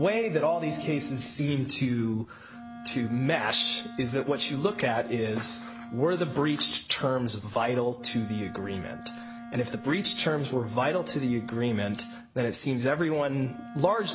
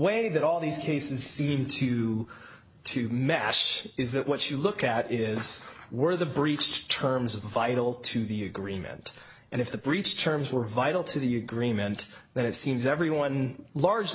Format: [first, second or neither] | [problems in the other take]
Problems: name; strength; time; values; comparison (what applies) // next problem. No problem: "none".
second | background sound (Wind instrument, woodwind instrument); 14 dB below the speech